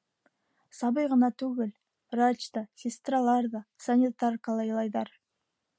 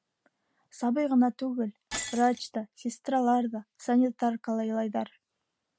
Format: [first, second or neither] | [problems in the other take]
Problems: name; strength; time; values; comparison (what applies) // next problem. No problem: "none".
first | background sound (Shatter); 18 dB below the speech